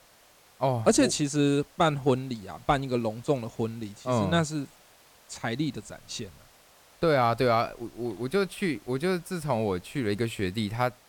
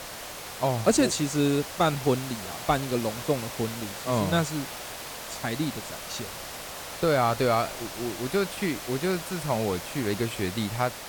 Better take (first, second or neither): first